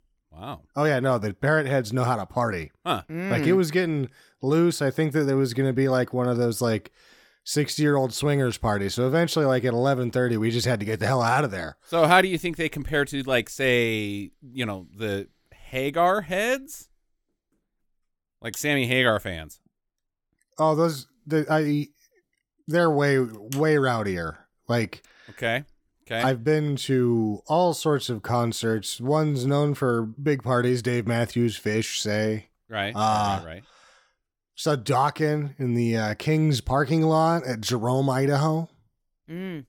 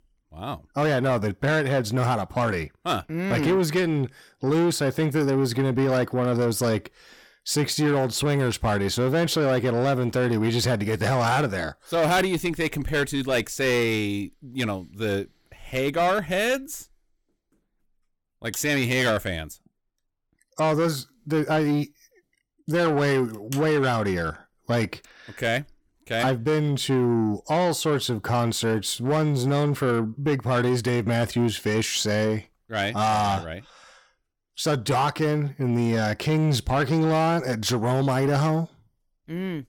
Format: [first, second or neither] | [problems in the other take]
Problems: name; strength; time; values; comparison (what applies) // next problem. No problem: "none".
first | distortion; slight; 10 dB below the speech